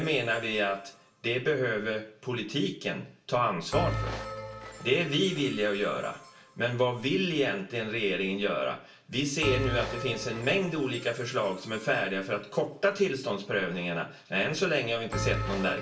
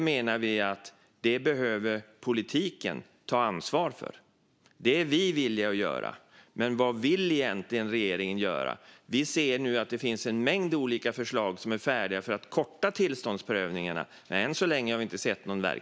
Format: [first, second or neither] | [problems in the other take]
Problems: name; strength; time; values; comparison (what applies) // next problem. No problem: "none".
second | background sound (Bell); 11 dB below the speech // room echo; dies away in 0.3 s